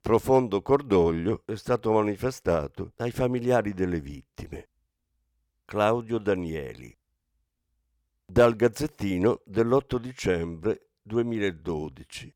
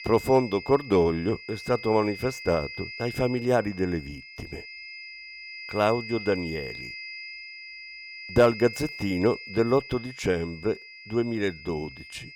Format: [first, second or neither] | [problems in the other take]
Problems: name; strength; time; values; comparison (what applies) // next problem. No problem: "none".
first | high-pitched whine; noticeable; throughout; 2 kHz, 15 dB below the speech